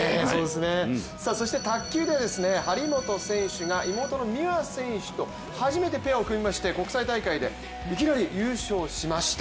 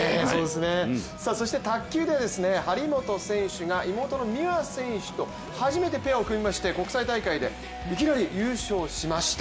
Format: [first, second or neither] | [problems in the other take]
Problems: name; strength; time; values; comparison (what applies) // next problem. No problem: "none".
second | background sound (Organ); 12 dB below the speech